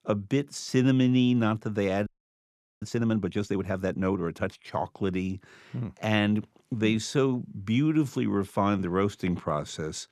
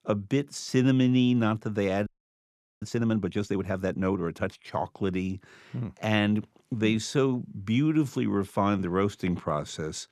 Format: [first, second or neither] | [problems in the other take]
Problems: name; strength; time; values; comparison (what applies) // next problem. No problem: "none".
neither | audio freezing; at 2 s for 1 s; the same in both